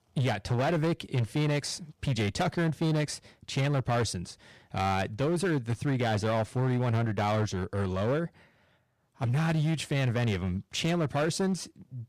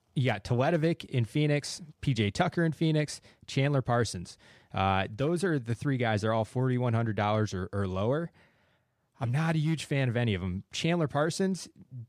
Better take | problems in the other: second | distortion; slight; 14% of the sound clipped

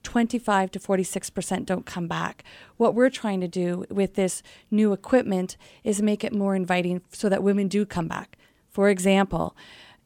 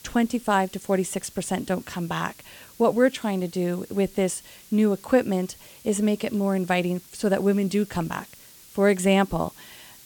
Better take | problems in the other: first | hiss; faint; throughout; 20 dB below the speech

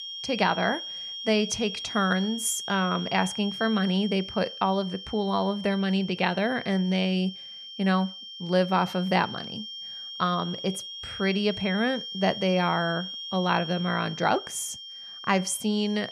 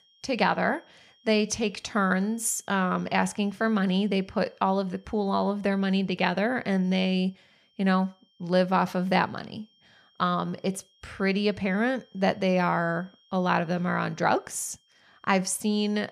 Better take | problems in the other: second | high-pitched whine; loud; throughout; 3 kHz, 9 dB below the speech; faint in the second

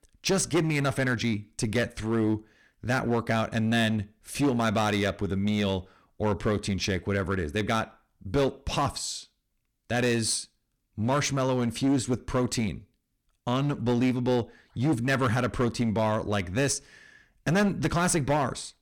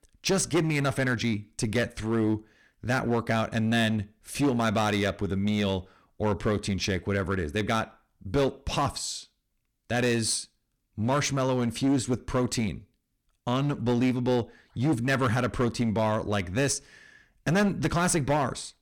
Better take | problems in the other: neither | distortion; slight; 8% of the sound clipped; the same in both

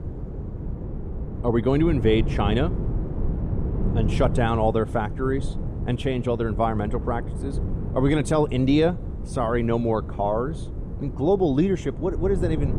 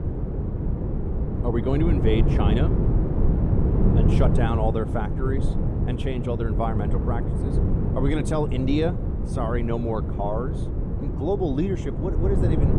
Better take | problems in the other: first | wind noise on the microphone; heavy; 4 dB below the speech; occasional gusts in the first

